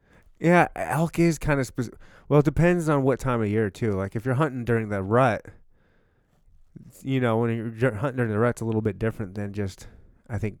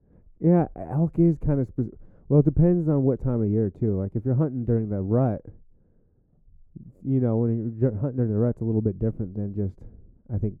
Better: first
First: none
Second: muffled; very; fading above 1 kHz

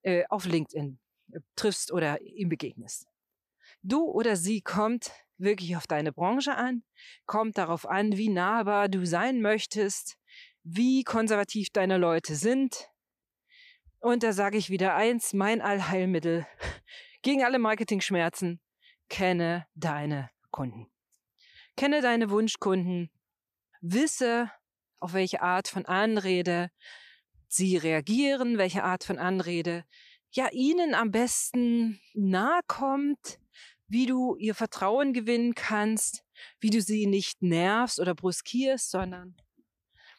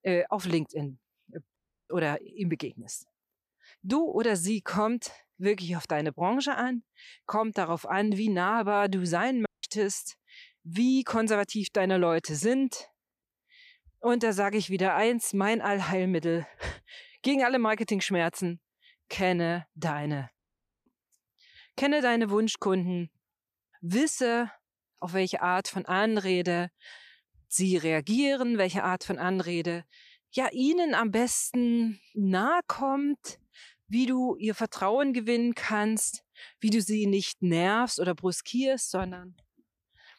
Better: first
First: none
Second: audio cutting out; at 1.5 s, at 9.5 s and at 20 s

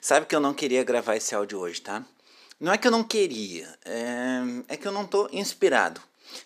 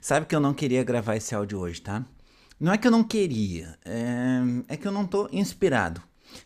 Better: second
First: thin; somewhat; fading below 350 Hz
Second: none

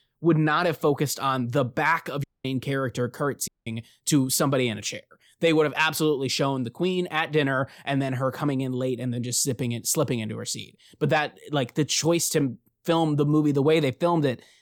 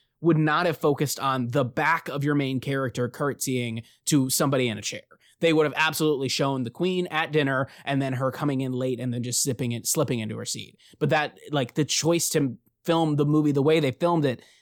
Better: second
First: audio cutting out; at 2 s and at 3.5 s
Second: none

